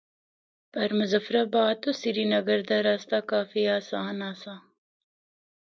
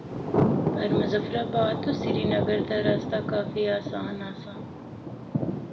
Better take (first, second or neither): first